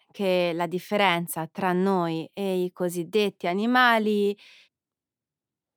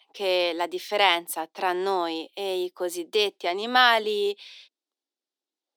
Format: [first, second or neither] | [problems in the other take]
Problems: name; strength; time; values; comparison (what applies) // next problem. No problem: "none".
first | thin; very; fading below 300 Hz